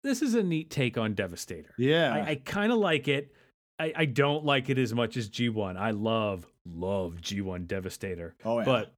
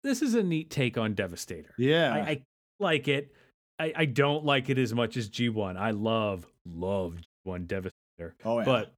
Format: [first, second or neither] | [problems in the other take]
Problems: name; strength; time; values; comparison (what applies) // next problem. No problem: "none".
first | audio cutting out; at 2.5 s, at 7.5 s and at 8 s